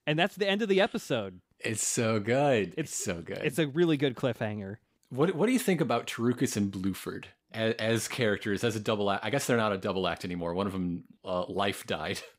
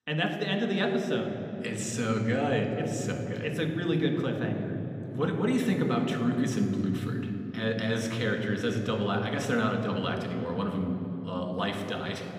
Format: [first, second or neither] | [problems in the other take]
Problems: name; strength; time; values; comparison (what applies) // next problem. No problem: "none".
first | room echo; noticeable; dies away in 3 s